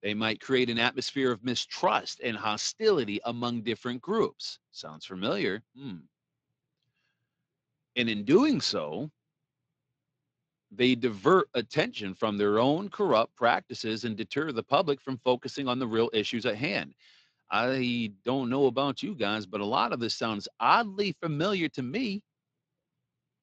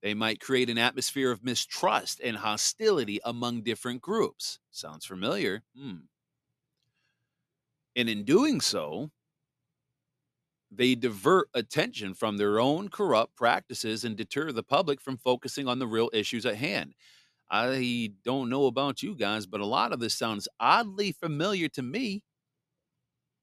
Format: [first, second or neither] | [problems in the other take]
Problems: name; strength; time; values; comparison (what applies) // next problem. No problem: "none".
second | garbled, watery; slightly